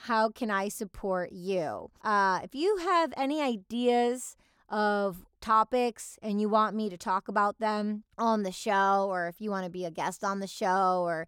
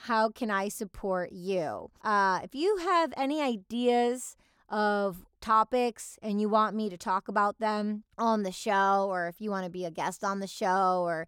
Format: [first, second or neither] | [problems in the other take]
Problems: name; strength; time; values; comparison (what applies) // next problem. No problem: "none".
neither | none